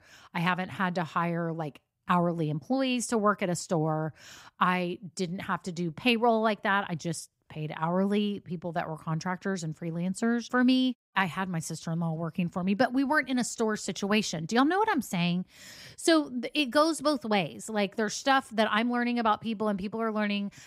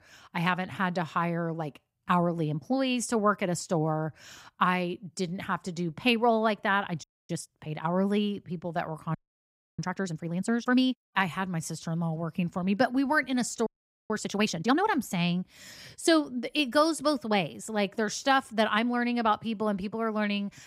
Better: first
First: none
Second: audio freezing; at 7 s, at 9 s for 0.5 s and at 14 s

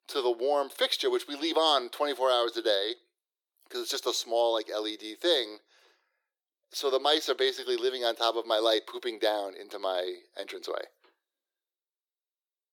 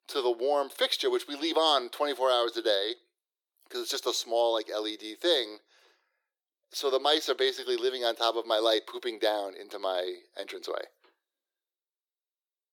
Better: neither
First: thin; very; fading below 350 Hz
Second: thin; very; fading below 350 Hz

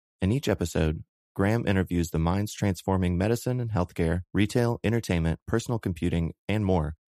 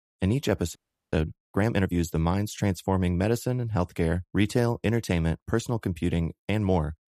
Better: first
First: none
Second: audio freezing; at 1 s

